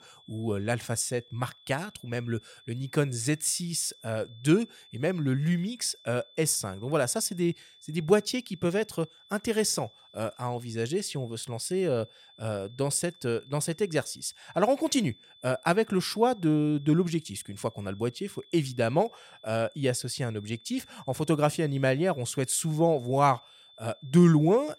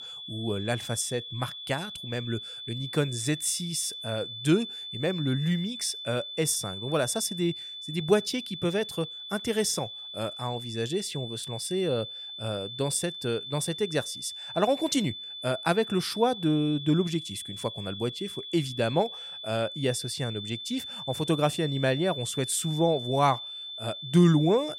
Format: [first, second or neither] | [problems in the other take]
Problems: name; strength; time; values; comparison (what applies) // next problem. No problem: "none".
first | high-pitched whine; loud; throughout; 3.5 kHz, 8 dB below the speech; faint in the first